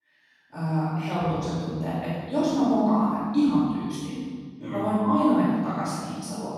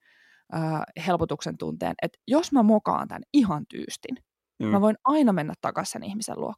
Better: second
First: room echo; strong; dies away in 2.3 s // off-mic speech; far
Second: none

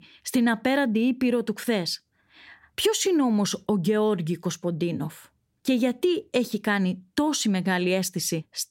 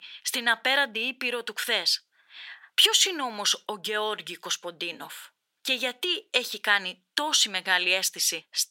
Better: first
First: none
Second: thin; very; fading below 800 Hz

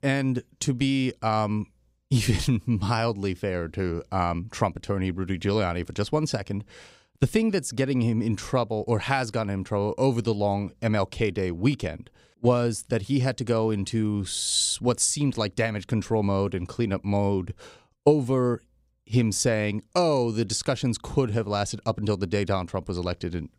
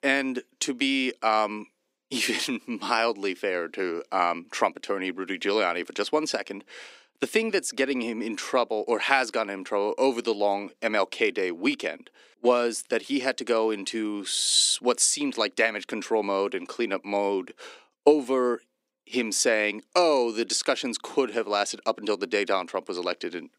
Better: first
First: none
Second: thin; somewhat; fading below 250 Hz

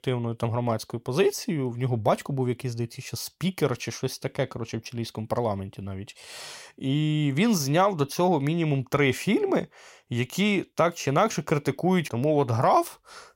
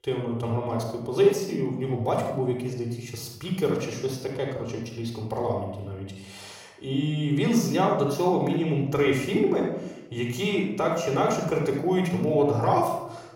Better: first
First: none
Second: off-mic speech; somewhat distant // room echo; noticeable; dies away in 0.7 s

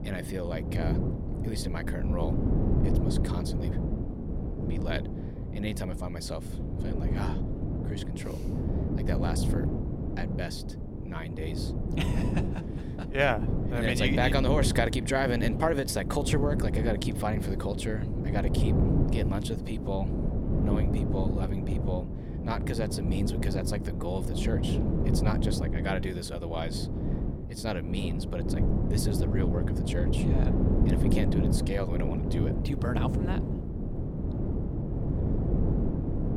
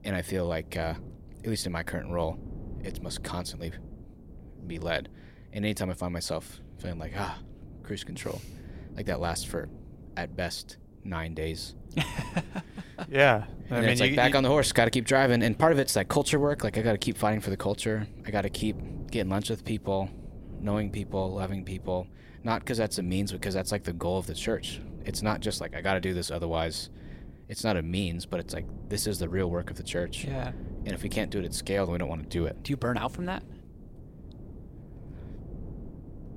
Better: second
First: wind noise on the microphone; heavy; 4 dB below the speech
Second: wind noise on the microphone; occasional gusts; 25 dB below the speech

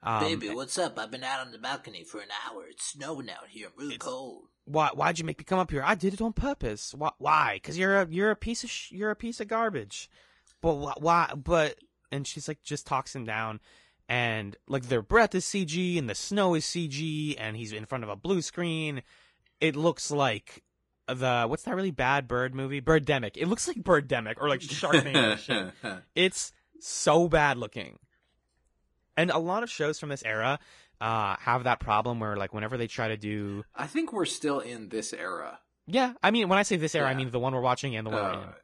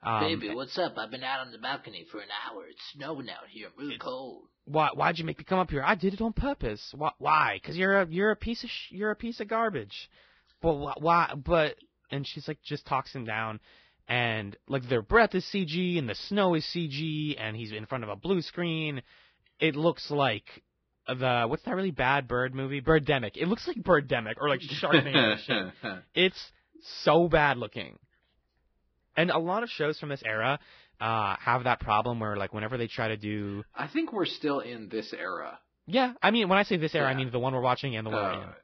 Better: first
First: garbled, watery; slightly; nothing above 10 kHz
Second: garbled, watery; badly; nothing above 5.5 kHz

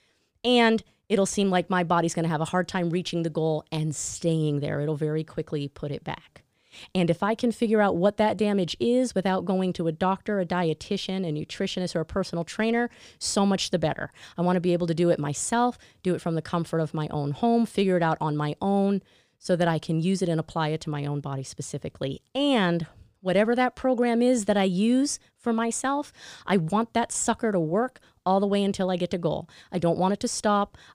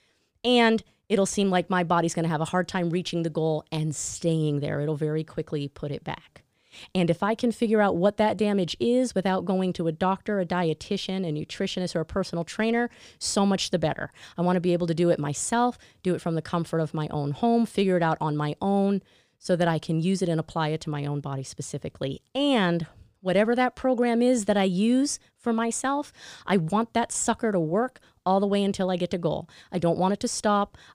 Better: neither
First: none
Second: none

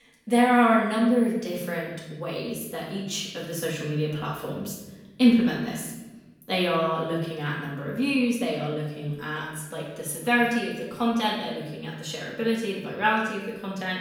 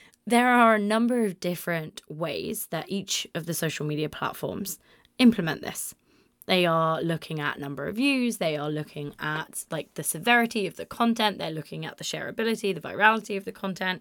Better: second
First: room echo; noticeable; dies away in 1 s // off-mic speech; far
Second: none

